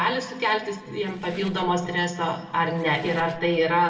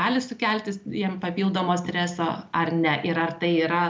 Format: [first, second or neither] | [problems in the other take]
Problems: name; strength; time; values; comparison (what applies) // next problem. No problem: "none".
second | background sound (Squeak); 20 dB below the speech // room echo; dies away in 1.2 s